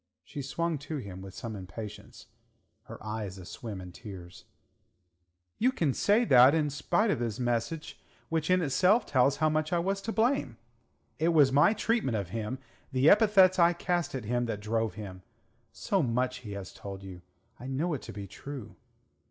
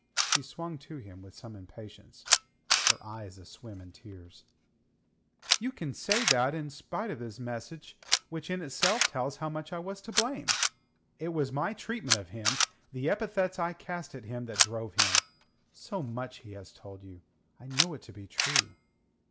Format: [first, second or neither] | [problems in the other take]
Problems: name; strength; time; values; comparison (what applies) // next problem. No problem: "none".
first | background sound (Camera); 2 dB above the speech